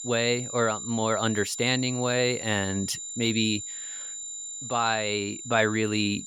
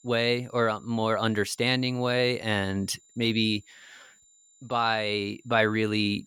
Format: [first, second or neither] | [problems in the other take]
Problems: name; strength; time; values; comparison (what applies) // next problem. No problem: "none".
second | high-pitched whine; loud; throughout; 7 kHz, 8 dB below the speech; faint in the second